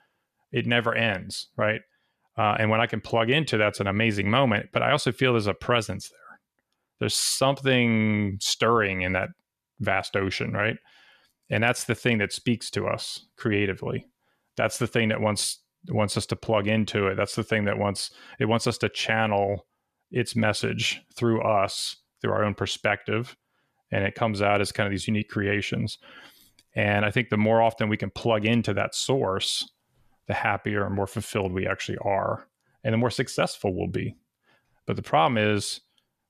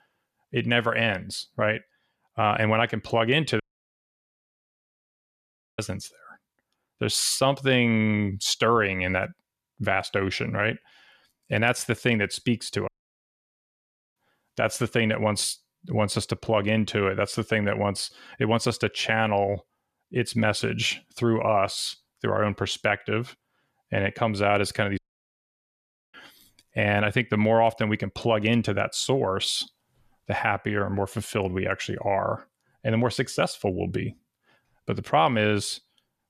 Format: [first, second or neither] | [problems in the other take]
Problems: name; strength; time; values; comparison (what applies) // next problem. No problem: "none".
first | audio cutting out; at 3.5 s for 2 s, at 13 s for 1.5 s and at 25 s for 1 s